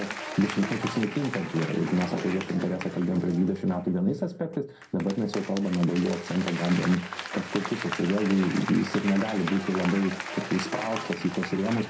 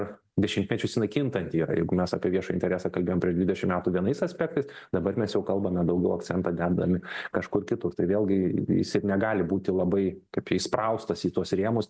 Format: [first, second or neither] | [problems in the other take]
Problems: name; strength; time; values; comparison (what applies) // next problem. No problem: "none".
second | background sound (Applause / Crowd); 9 dB below the speech // room echo; dies away in 0.2 s